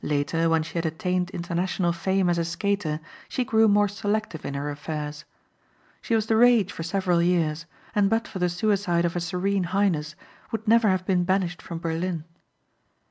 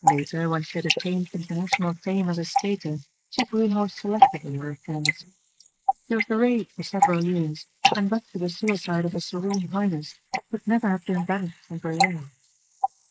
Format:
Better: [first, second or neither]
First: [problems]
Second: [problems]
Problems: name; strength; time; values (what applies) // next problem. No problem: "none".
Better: first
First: none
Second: noise reduction (neural mask model Resemble Enhance denoiser)